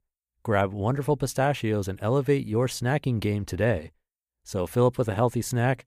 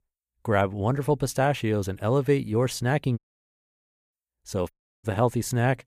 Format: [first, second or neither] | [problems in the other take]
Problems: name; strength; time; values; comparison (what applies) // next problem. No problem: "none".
first | audio cutting out; at 3 s for 1 s and at 4.5 s